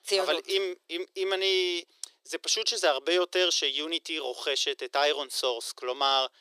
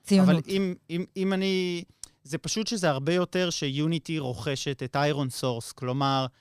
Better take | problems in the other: second | thin; very; fading below 350 Hz

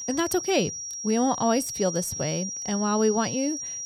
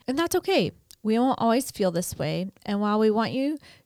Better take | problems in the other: second | high-pitched whine; loud; throughout; 5.5 kHz, 5 dB below the speech

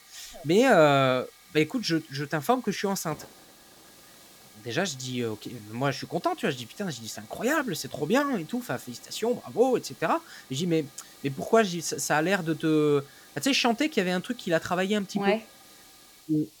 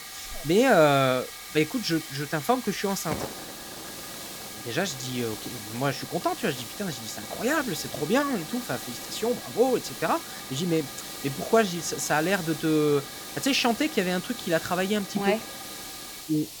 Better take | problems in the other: first | hiss; loud; throughout; 10 dB below the speech; faint in the first

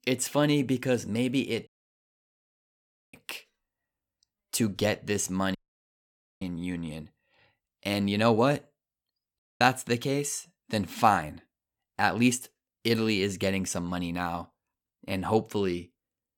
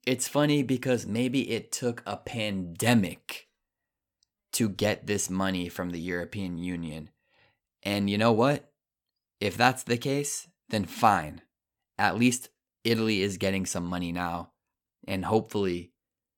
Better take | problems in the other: second | audio cutting out; at 1.5 s for 1.5 s, at 5.5 s for 1 s and at 9.5 s

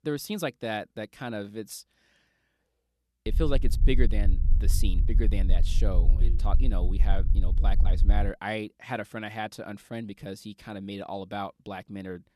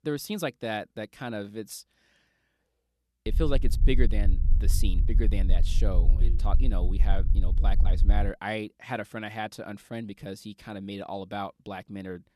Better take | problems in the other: neither | low rumble; noticeable; from 3.5 to 8.5 s; 15 dB below the speech; the same in both

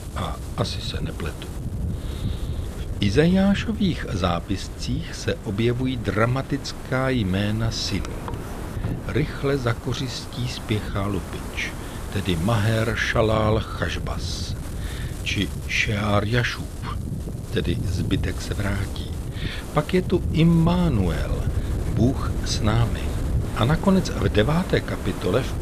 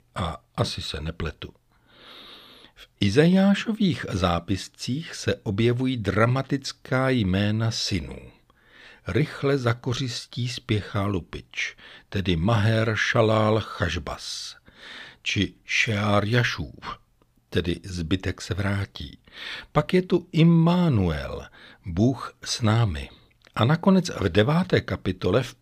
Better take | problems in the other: second | wind noise on the microphone; occasional gusts; 10 dB below the speech

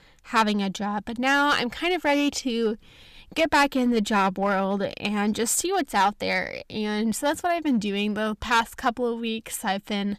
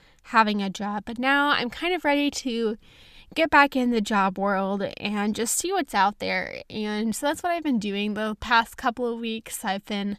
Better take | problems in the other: second | distortion; slight; 3% of the sound clipped

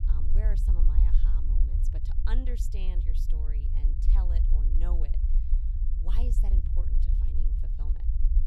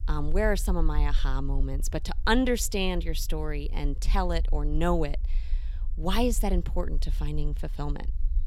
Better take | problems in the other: second | low rumble; loud; throughout; 1 dB below the speech; faint in the second

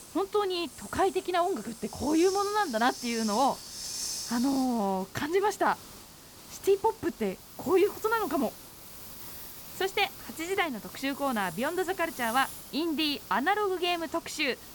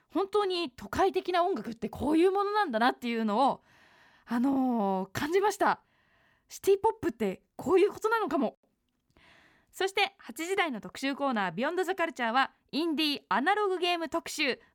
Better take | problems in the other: second | hiss; noticeable; throughout; 10 dB below the speech

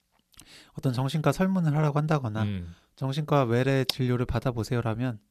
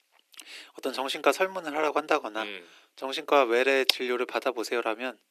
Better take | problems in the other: first | thin; very; fading below 300 Hz

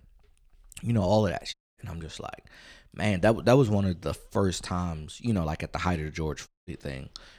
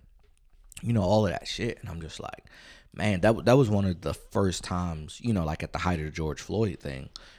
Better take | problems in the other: second | audio cutting out; at 1.5 s and at 6.5 s

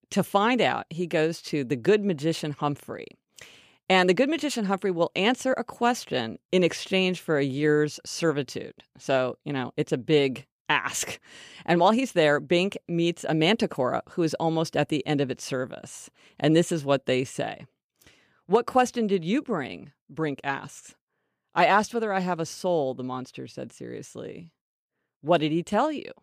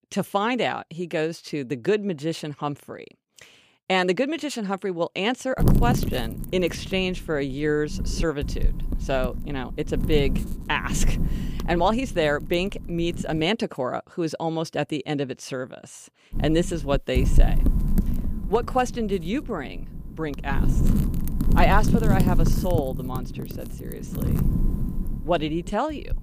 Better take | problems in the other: first | wind noise on the microphone; occasional gusts; from 5.5 to 13 s and from 16 s on; 10 dB below the speech

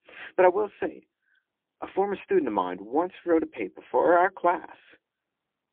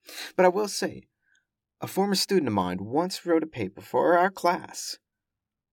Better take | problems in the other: second | phone-call audio; poor line

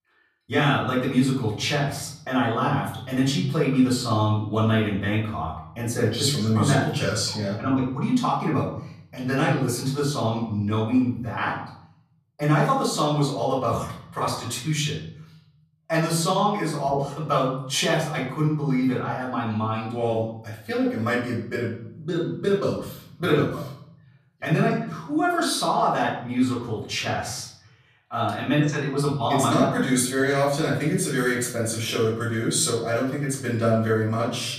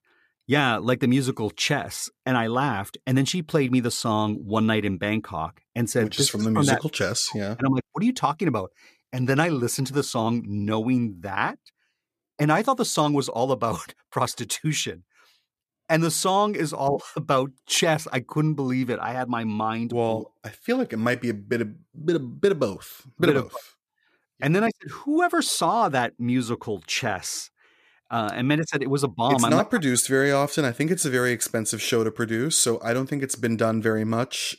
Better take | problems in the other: second | off-mic speech; far // room echo; noticeable; dies away in 0.7 s

